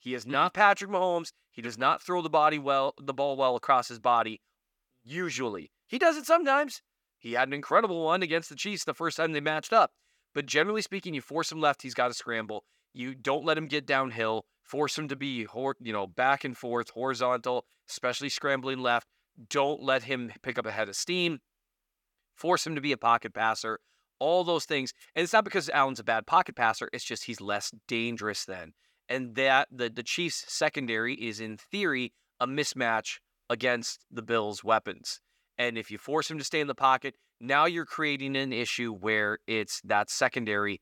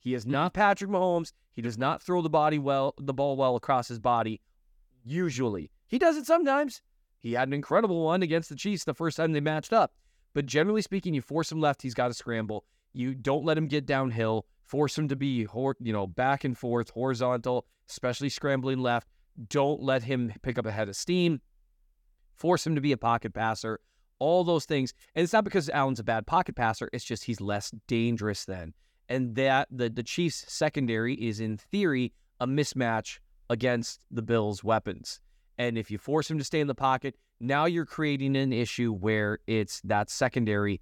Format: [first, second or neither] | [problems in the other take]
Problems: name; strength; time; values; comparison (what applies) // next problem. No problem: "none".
second | thin; somewhat; fading below 1 kHz